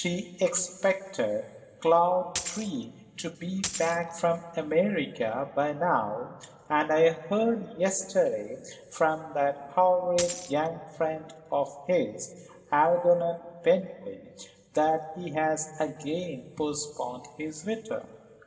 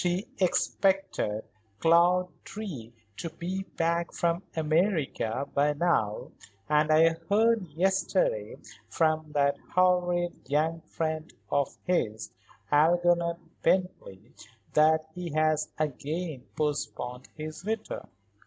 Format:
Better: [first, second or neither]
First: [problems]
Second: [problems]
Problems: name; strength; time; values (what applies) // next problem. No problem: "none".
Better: second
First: background sound (Coin (dropping)); 7 dB below the speech // room echo; dies away in 1.6 s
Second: none